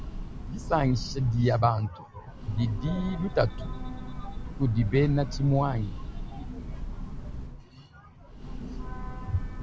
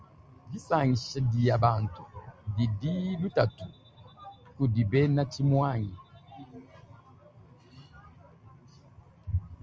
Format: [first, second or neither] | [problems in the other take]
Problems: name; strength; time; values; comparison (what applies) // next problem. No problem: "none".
second | background sound (Train / Breathing); 7 dB below the speech